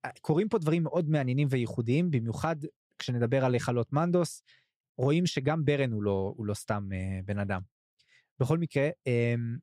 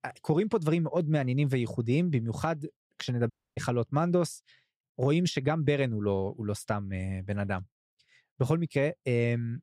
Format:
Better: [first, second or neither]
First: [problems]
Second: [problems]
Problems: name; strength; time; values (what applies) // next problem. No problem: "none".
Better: first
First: none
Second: audio cutting out; at 3.5 s